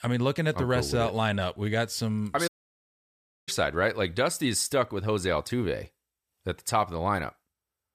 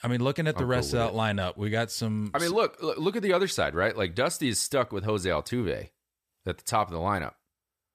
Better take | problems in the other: second | audio cutting out; at 2.5 s for 1 s

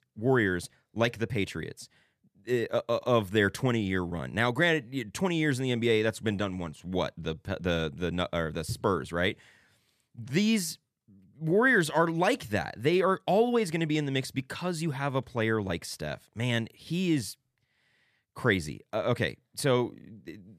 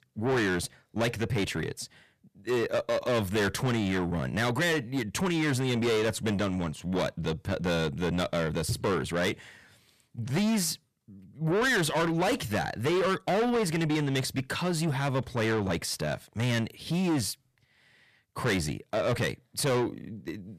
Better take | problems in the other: first | distortion; heavy; 6 dB below the speech

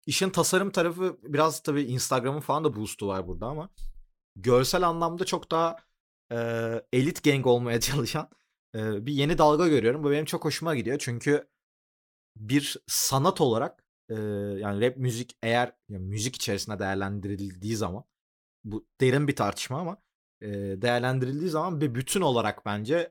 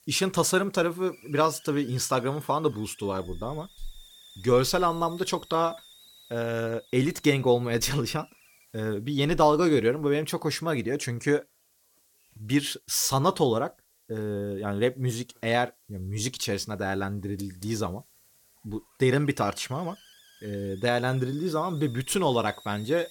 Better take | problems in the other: first | hiss; faint; throughout; 25 dB below the speech

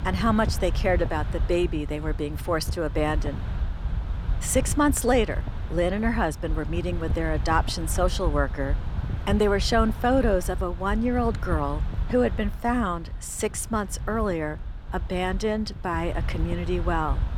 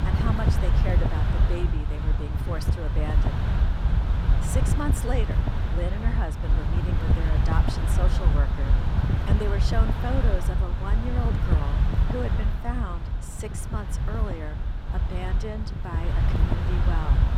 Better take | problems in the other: first | wind noise on the microphone; heavy; as loud as the speech; occasional gusts in the first

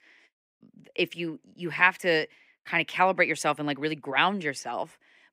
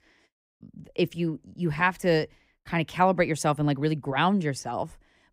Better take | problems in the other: second | thin; somewhat; fading below 250 Hz

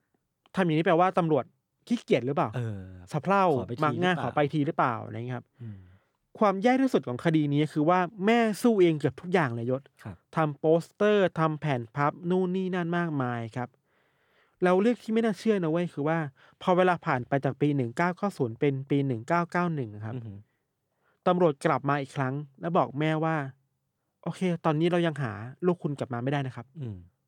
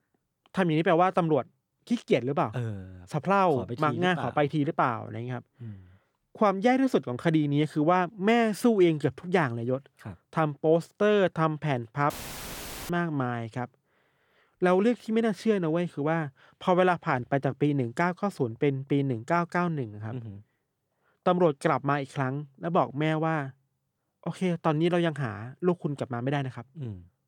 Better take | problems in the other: first | audio cutting out; filled with static; at 12 s for 1 s

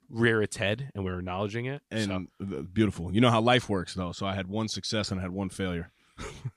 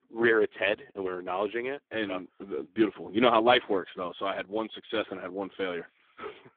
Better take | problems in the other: first | phone-call audio; poor line; nothing above 3.5 kHz

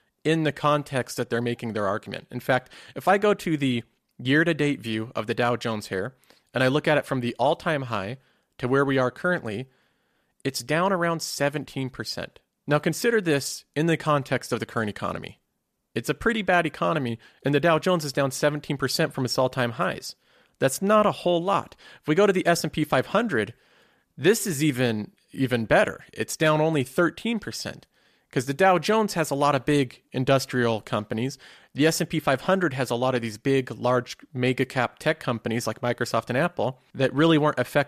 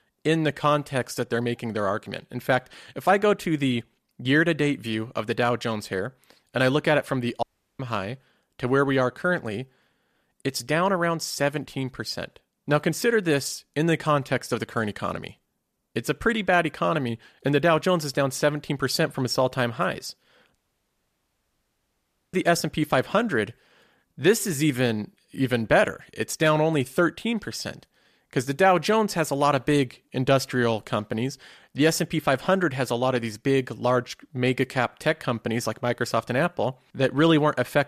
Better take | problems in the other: first | audio cutting out; at 7.5 s and at 21 s for 2 s

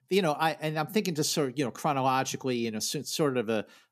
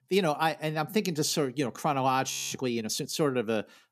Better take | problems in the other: first | audio freezing; at 2.5 s

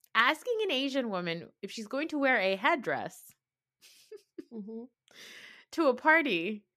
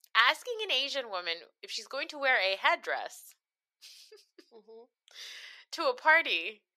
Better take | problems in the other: first | thin; very; fading below 550 Hz

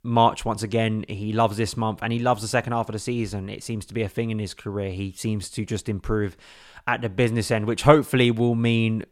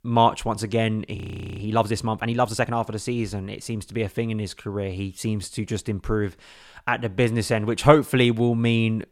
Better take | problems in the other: first | audio freezing; at 1 s

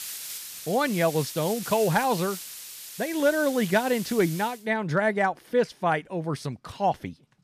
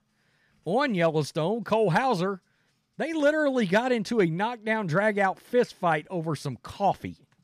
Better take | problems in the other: second | hiss; noticeable; until 4.5 s; 10 dB below the speech

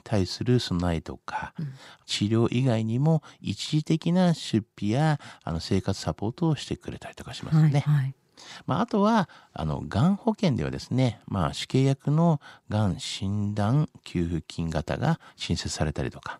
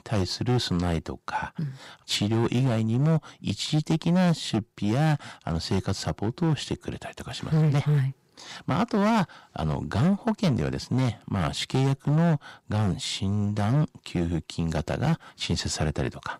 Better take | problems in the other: first | distortion; slight; 11% of the sound clipped

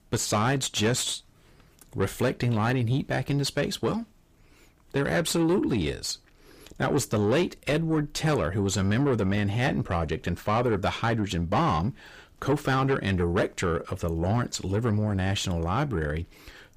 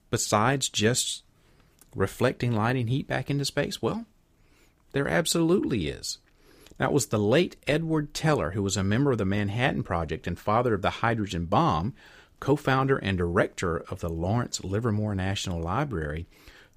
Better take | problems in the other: second | distortion; slight; 10 dB below the speech

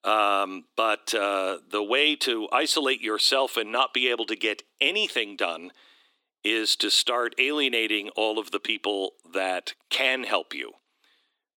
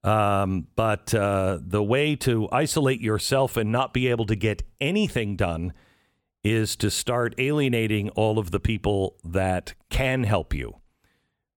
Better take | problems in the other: second | thin; somewhat; fading below 300 Hz

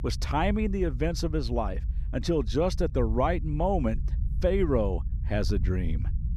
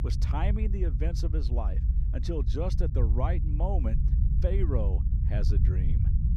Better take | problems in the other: first | low rumble; loud; throughout; 7 dB below the speech; faint in the first

